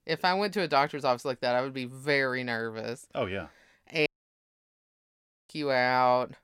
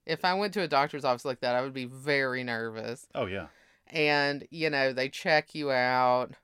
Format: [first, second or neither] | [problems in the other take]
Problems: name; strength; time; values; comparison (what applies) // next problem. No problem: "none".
second | audio cutting out; at 4 s for 1.5 s